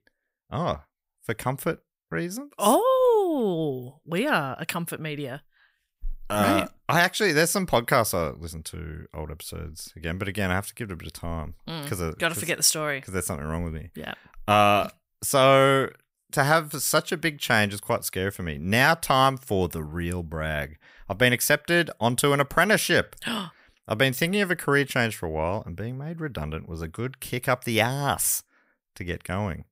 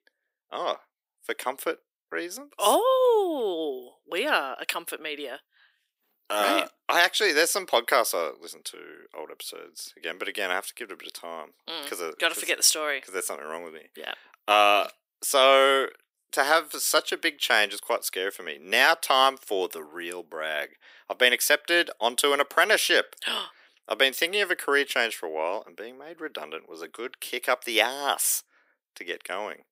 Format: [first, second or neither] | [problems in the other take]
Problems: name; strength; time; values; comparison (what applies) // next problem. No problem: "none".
first | thin; very; fading below 300 Hz